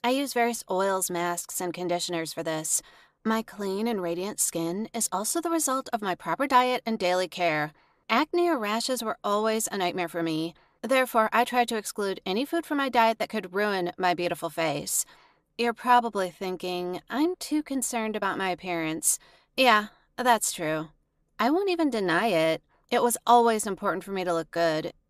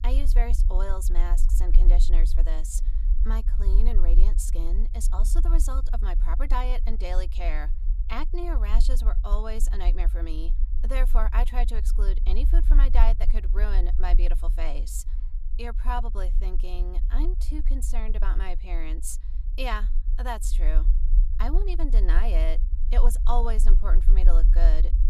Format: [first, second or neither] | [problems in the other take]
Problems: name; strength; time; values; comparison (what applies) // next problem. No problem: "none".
first | low rumble; noticeable; throughout; 15 dB below the speech